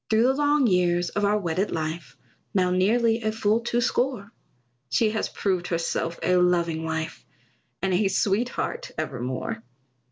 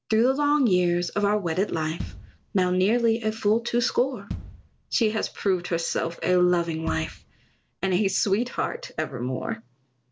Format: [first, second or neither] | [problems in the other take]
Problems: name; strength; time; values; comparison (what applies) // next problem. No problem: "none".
first | background sound (Bass drum); 14 dB below the speech